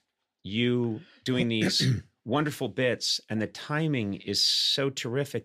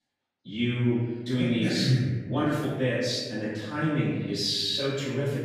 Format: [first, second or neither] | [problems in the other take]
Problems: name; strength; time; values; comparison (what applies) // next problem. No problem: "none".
first | room echo; strong; dies away in 1.3 s // off-mic speech; far